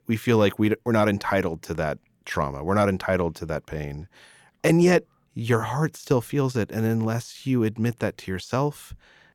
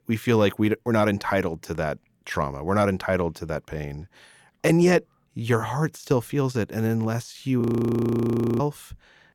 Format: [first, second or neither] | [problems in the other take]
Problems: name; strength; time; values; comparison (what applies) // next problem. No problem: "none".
first | audio freezing; at 7.5 s for 1 s